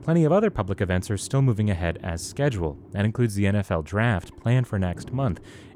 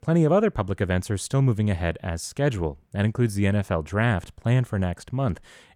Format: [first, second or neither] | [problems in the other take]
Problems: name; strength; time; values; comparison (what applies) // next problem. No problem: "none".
second | low rumble; faint; throughout; 25 dB below the speech